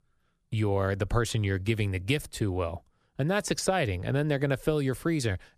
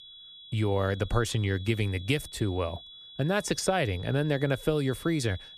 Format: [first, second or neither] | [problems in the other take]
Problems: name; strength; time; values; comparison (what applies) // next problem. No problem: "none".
first | high-pitched whine; noticeable; throughout; 3.5 kHz, 15 dB below the speech